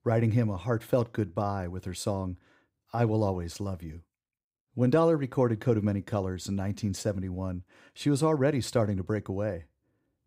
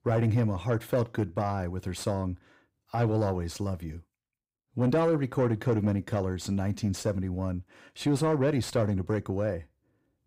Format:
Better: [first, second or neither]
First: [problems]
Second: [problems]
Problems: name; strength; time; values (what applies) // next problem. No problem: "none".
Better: first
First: none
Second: distortion; slight; 10 dB below the speech